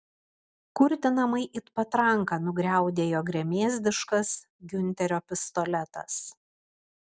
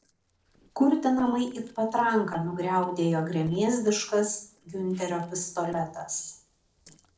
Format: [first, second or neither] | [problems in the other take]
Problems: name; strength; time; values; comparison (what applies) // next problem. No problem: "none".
first | noise reduction (neural separator model SepFormer DNS4)